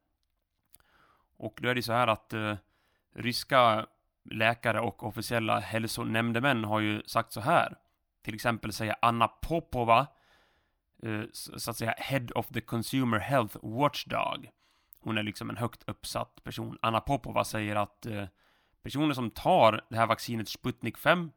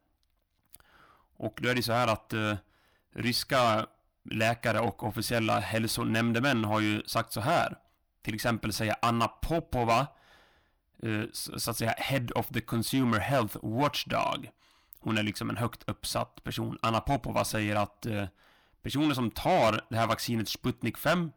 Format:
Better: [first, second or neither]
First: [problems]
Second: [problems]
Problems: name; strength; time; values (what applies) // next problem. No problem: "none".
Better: first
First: none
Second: distortion; heavy; 8 dB below the speech